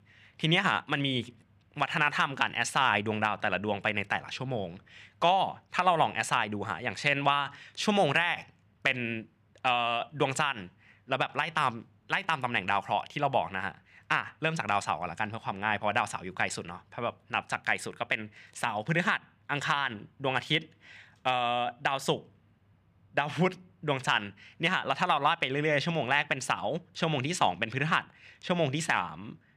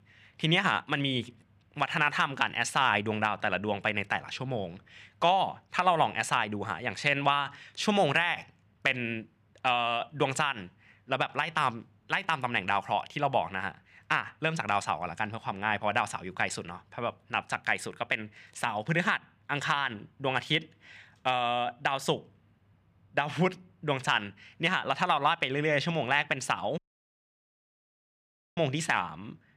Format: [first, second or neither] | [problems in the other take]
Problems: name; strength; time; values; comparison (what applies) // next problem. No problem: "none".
first | audio cutting out; at 27 s for 2 s